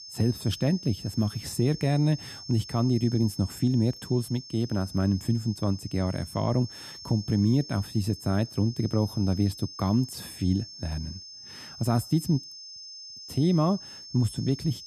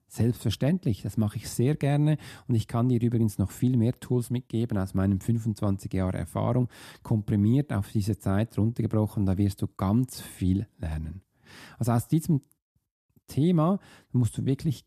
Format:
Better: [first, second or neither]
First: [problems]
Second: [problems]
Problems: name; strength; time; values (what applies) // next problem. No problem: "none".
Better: second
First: high-pitched whine; noticeable; throughout; 5.5 kHz, 15 dB below the speech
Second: none